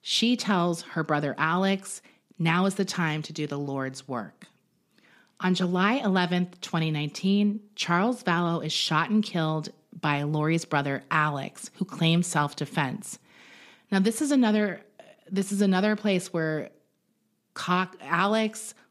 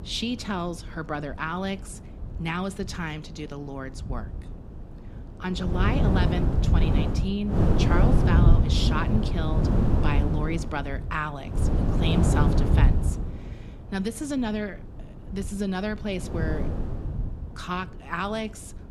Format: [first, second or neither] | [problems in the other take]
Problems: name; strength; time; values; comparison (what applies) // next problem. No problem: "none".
first | wind noise on the microphone; heavy; 1 dB below the speech